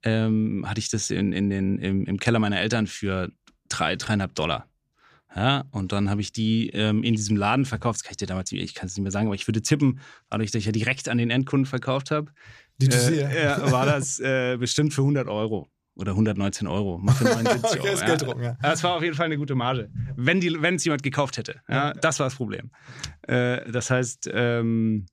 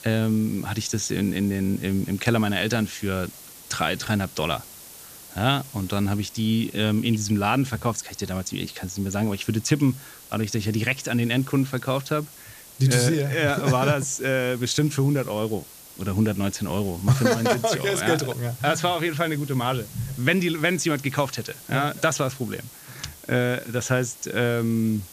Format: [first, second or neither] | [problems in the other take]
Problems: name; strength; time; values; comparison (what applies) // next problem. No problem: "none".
first | hiss; noticeable; throughout; 15 dB below the speech